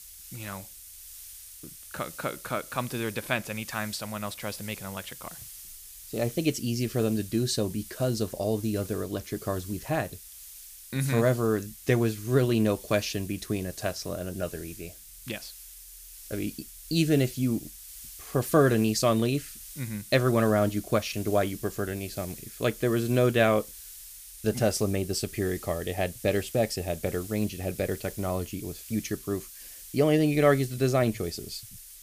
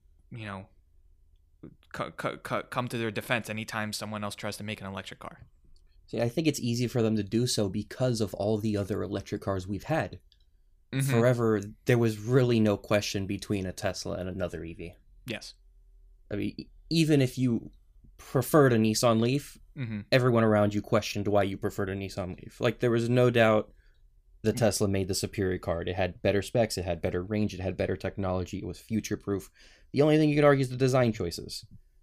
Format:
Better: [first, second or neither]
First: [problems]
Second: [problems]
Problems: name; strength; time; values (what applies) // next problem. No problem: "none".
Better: second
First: hiss; noticeable; throughout; 15 dB below the speech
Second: none